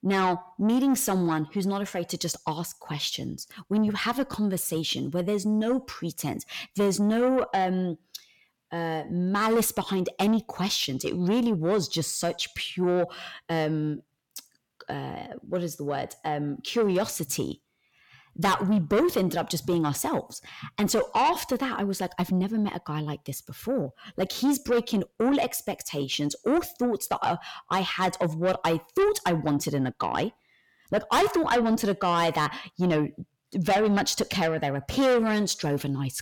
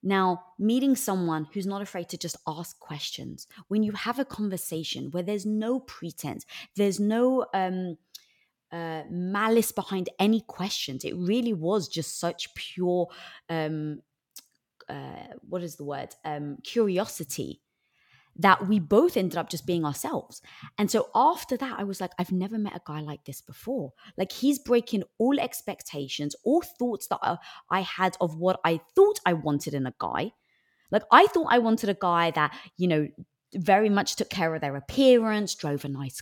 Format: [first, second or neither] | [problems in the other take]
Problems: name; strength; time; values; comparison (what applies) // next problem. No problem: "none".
second | distortion; heavy; 7 dB below the speech